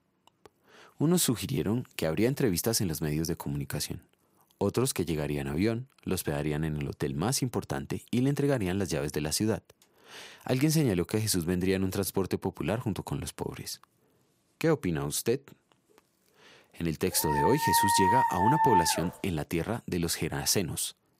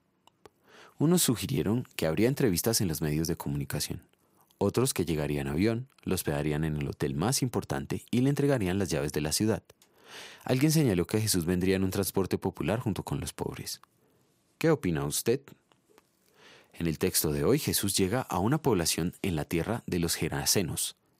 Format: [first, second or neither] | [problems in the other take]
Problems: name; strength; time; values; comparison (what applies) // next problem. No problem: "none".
second | dog barking; loud; from 17 to 19 s; peak 5 dB above the speech